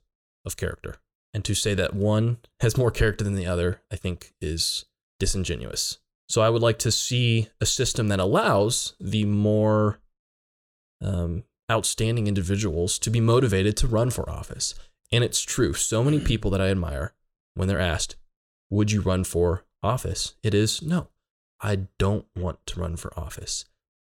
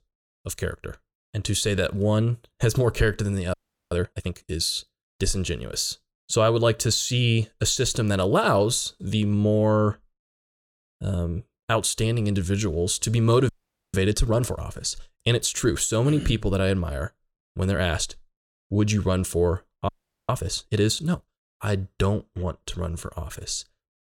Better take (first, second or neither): first